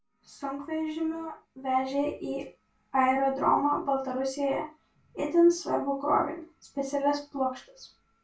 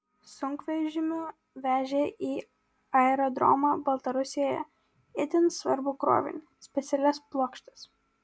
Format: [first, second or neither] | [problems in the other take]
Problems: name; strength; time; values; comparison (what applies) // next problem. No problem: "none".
second | room echo; dies away in 0.2 s